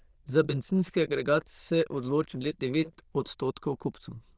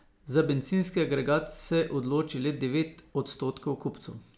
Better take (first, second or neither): second